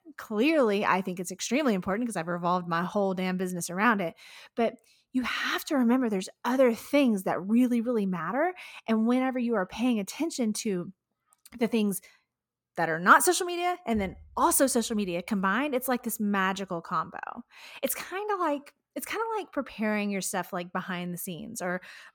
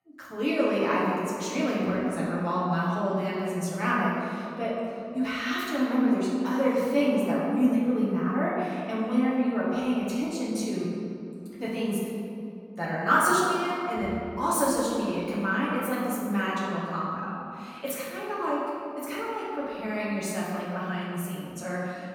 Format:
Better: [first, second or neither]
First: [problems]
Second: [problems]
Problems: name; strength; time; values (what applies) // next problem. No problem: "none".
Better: first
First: none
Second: room echo; strong; dies away in 2.3 s // off-mic speech; far